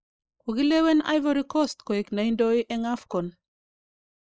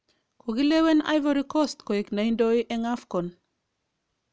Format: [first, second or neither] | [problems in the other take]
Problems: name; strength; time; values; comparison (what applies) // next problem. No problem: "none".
second | noise reduction (neural mask model Resemble Enhance denoiser)